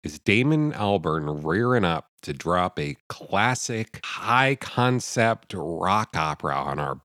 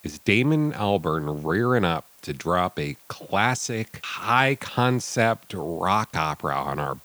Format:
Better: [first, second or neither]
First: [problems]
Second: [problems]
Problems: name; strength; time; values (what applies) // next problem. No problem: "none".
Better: first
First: none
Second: hiss; faint; throughout; 25 dB below the speech